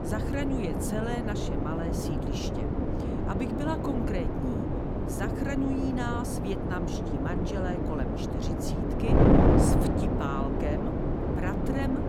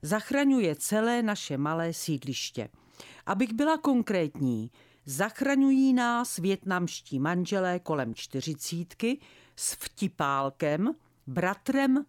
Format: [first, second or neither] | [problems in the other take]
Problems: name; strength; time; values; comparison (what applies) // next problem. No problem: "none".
second | wind noise on the microphone; heavy; 4 dB above the speech